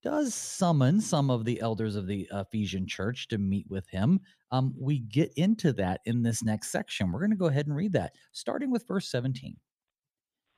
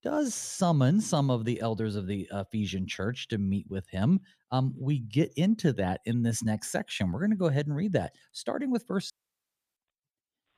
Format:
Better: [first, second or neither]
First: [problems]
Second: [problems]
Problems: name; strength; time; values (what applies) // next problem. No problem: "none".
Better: first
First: none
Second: audio cutting out; at 9 s for 0.5 s